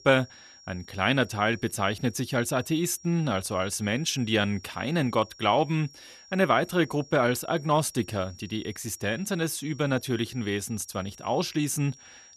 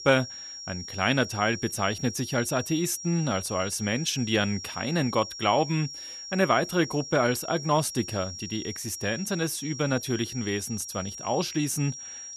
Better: first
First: high-pitched whine; faint; throughout; 5.5 kHz, 20 dB below the speech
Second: high-pitched whine; loud; throughout; 5.5 kHz, 10 dB below the speech

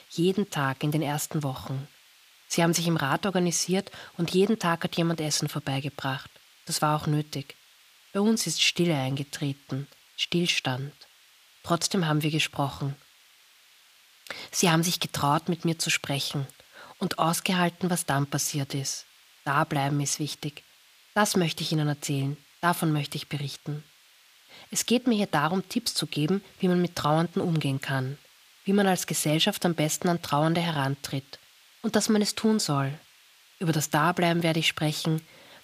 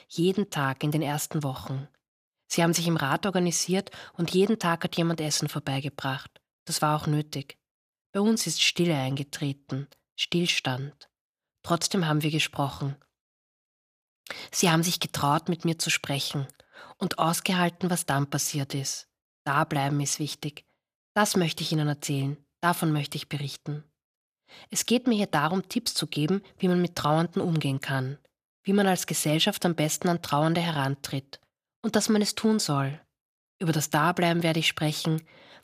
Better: second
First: hiss; faint; throughout; 30 dB below the speech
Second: none

